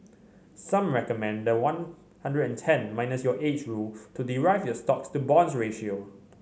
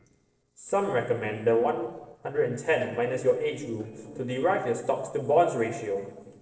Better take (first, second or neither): first